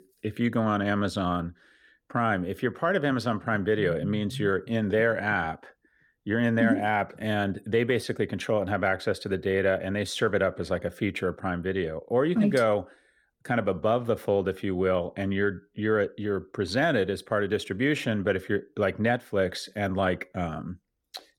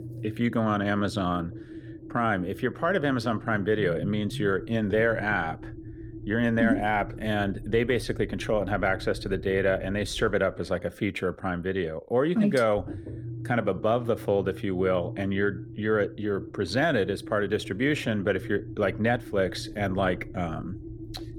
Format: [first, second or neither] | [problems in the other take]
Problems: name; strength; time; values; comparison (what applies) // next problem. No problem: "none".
first | low rumble; noticeable; throughout; 20 dB below the speech